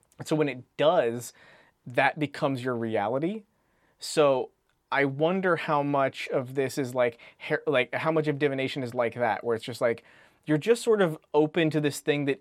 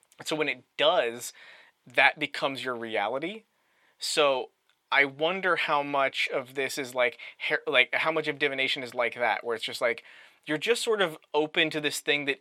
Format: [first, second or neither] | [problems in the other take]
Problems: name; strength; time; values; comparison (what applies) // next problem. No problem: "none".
first | thin; somewhat; fading below 800 Hz